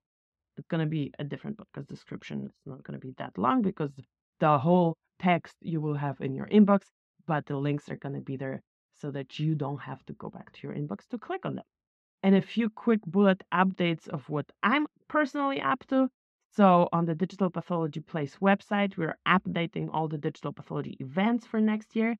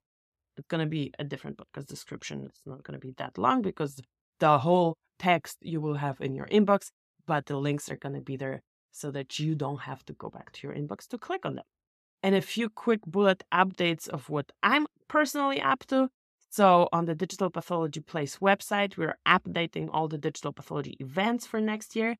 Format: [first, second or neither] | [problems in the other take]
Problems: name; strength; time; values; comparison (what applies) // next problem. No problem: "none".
second | muffled; slightly; fading above 3 kHz